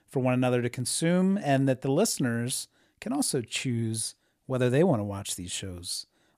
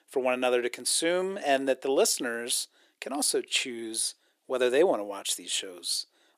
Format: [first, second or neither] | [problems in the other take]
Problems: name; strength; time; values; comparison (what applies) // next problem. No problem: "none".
first | thin; somewhat; fading below 350 Hz